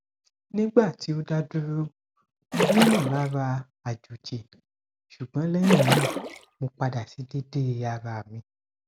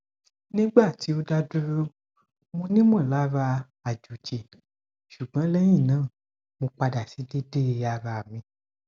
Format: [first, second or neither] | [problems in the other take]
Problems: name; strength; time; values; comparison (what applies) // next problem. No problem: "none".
second | background sound (Splash, splatter); 2 dB above the speech